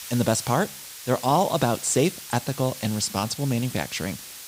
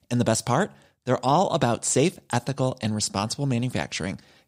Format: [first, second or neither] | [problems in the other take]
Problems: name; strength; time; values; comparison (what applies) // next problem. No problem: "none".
second | hiss; noticeable; throughout; 10 dB below the speech